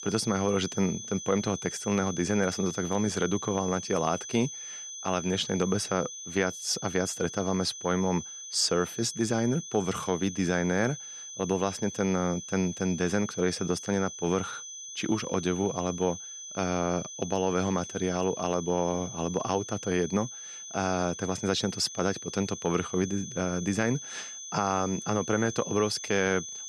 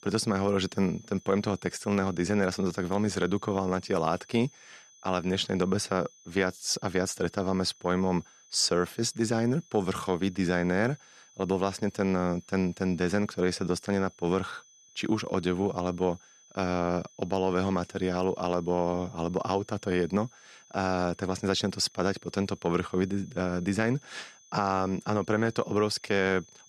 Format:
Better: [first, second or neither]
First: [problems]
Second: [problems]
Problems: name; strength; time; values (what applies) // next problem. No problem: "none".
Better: second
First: high-pitched whine; loud; throughout; 6 kHz, 9 dB below the speech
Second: high-pitched whine; faint; throughout; 6 kHz, 25 dB below the speech